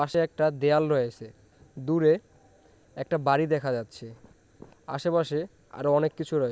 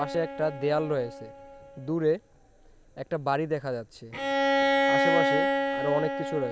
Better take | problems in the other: first | background sound (Bowed string instrument); 1 dB above the speech

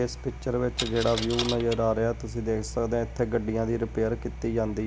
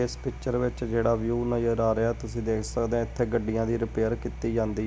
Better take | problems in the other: second | background sound (Coin (dropping)); 8 dB below the speech

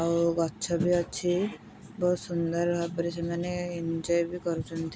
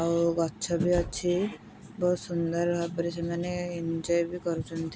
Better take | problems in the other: first | background sound (Knock); 15 dB below the speech

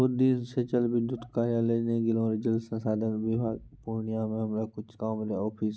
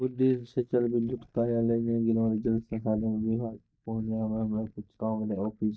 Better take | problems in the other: first | noise reduction (neural mask model DeepFilterNet 3)

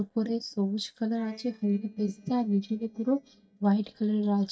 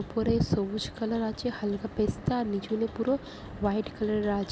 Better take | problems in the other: second | noise reduction (neural mask model DeepFilterNet 3)

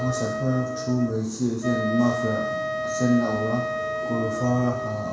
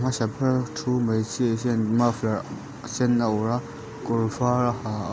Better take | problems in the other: second | background sound (Wind instrument, woodwind instrument); 4 dB below the speech // room echo; dies away in 0.7 s

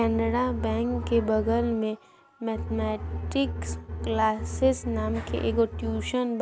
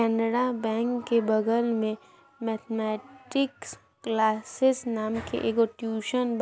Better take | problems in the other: second | background sound (Bowed string instrument); 5 dB below the speech

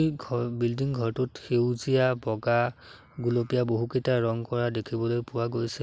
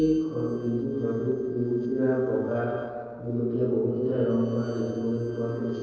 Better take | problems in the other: first | noise reduction (neural separator model SepFormer DNS4)

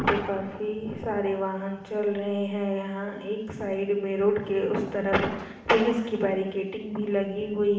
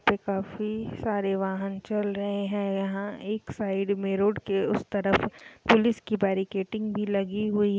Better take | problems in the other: second | room echo; dies away in 0.9 s

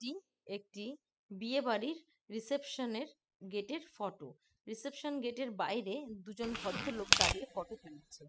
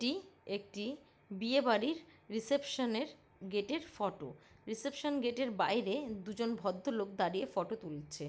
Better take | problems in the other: second | noise reduction (classical method spectral subtraction)

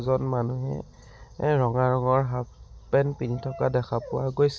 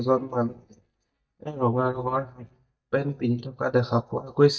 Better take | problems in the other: first | noise reduction (neural mask model DeepFilterNet 3)

